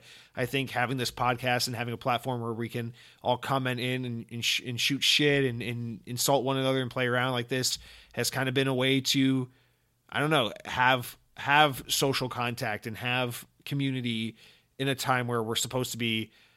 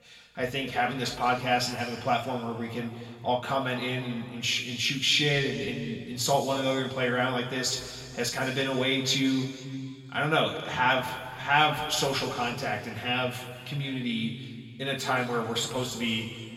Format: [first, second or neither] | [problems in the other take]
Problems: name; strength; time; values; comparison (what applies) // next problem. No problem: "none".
first | room echo; noticeable; dies away in 2.1 s // off-mic speech; far